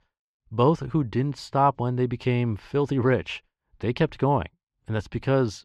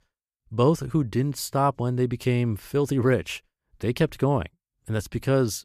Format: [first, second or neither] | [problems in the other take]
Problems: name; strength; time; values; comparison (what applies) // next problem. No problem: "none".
second | muffled; slightly; fading above 3.5 kHz